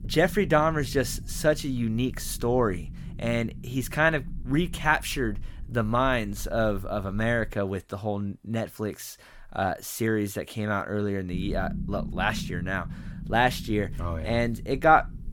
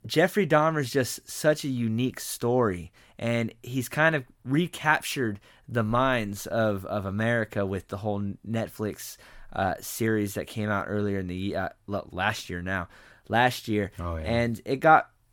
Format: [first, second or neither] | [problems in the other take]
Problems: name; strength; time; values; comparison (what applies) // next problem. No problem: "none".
second | low rumble; faint; until 7.5 s and from 11 s on; 20 dB below the speech